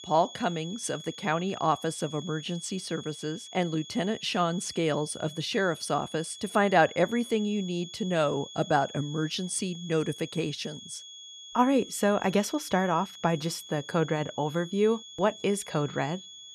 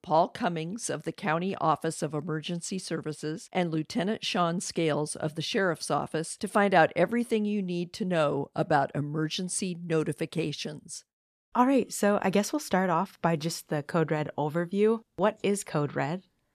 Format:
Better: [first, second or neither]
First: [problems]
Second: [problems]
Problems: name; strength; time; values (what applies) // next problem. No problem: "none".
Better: second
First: high-pitched whine; noticeable; throughout; 3.5 kHz, 15 dB below the speech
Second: none